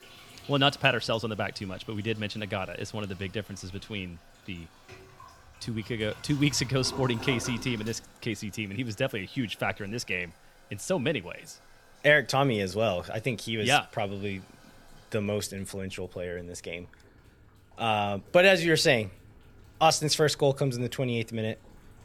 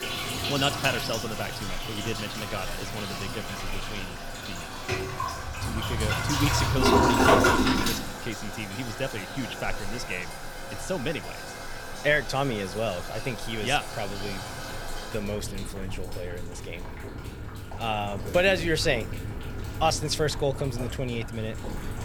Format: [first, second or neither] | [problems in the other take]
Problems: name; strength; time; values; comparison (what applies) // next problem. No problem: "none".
first | household noises; loud; throughout; 1 dB below the speech; faint in the first